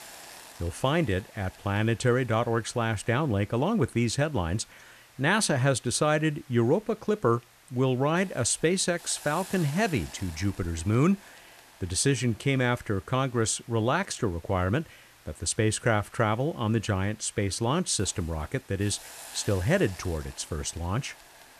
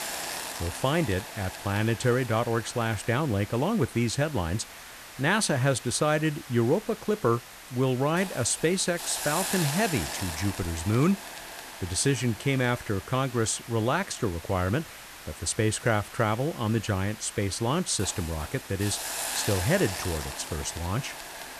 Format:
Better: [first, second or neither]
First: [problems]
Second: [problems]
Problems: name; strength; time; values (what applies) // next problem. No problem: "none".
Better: first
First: hiss; faint; throughout; 20 dB below the speech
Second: hiss; loud; throughout; 9 dB below the speech